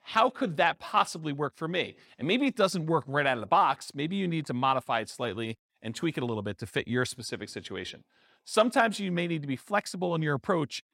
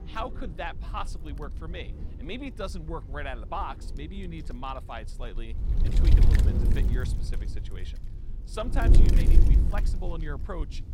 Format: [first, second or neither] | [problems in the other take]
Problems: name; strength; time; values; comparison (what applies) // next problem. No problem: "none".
first | wind noise on the microphone; heavy; 4 dB below the speech